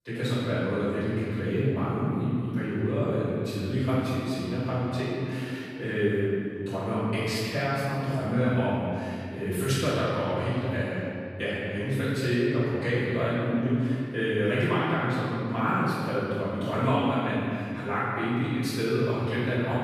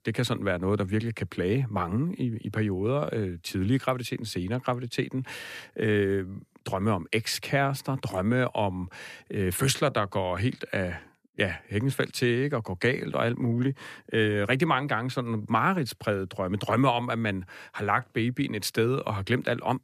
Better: second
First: off-mic speech; far // room echo; strong; dies away in 2.4 s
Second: none

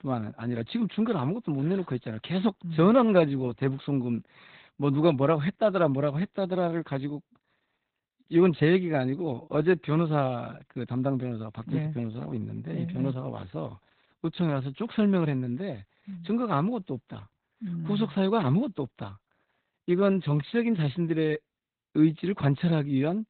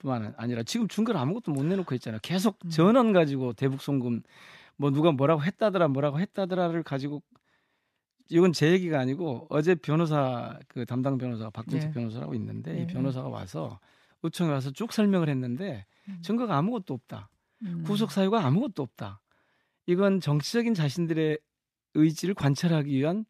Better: second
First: garbled, watery; badly; nothing above 4 kHz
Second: none

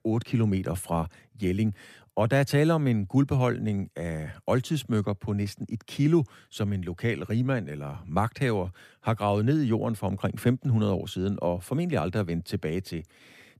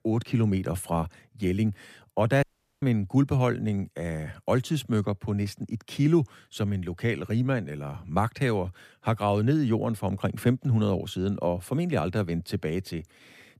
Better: first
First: none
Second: audio cutting out; at 2.5 s

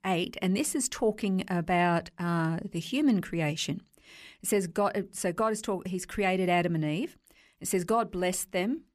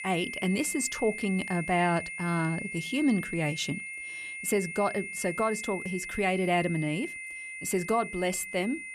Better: first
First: none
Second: high-pitched whine; loud; throughout; 2 kHz, 7 dB below the speech

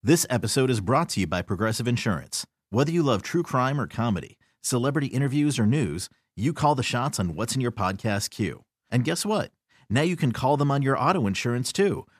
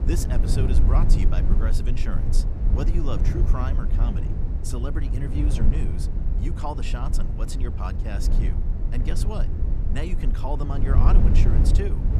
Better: first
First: none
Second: low rumble; loud; throughout; 3 dB below the speech

